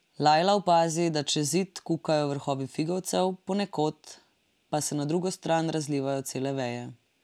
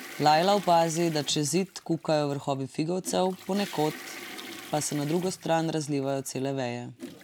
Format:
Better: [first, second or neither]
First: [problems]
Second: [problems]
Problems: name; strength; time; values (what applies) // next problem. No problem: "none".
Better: first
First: none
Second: background sound (Toilet flush / Water); 17 dB below the speech